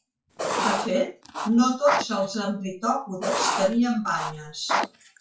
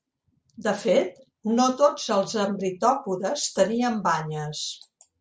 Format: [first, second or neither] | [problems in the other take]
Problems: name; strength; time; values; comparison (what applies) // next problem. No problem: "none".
second | noise reduction (classical method WPE with log-MMSE)